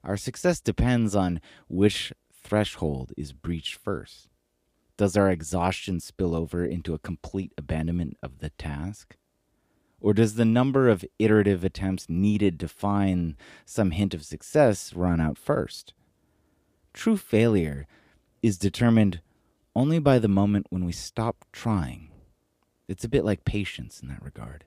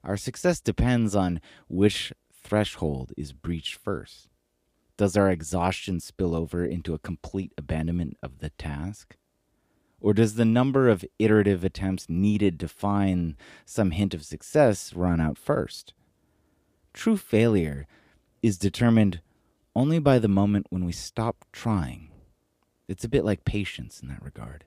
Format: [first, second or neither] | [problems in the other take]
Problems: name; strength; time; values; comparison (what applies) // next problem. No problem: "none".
neither | none